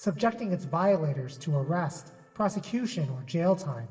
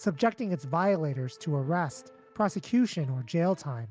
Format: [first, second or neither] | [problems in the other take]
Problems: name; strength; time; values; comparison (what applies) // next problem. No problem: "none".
second | room echo; dies away in 0.8 s